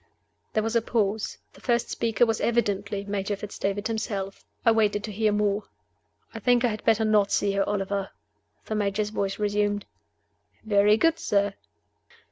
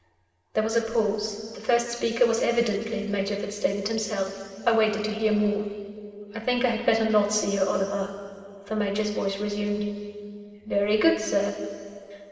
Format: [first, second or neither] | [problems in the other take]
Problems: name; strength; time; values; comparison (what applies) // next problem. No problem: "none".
first | room echo; dies away in 2.4 s